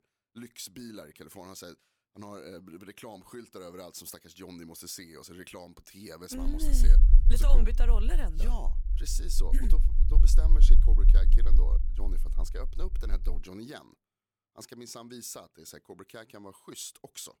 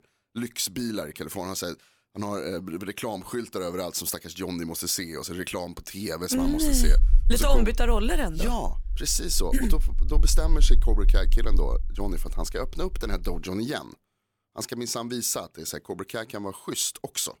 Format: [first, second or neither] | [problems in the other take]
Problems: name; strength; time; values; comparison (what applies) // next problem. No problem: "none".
second | low rumble; loud; from 6.5 to 13 s; 8 dB below the speech; faint in the second